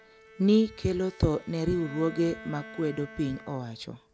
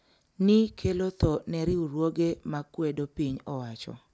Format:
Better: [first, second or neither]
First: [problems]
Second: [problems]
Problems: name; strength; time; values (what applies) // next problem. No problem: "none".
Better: second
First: background sound (Bowed string instrument); 18 dB below the speech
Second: none